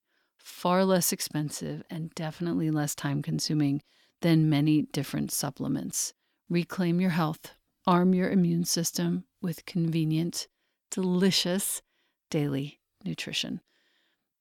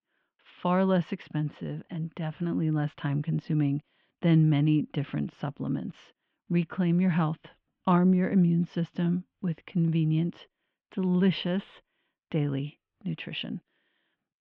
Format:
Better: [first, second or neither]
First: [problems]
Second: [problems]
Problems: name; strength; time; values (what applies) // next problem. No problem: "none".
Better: first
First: none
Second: muffled; very; fading above 3 kHz